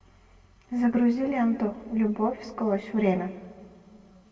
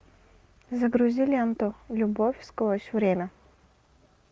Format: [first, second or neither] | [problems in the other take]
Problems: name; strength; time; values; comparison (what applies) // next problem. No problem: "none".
second | room echo; dies away in 1.6 s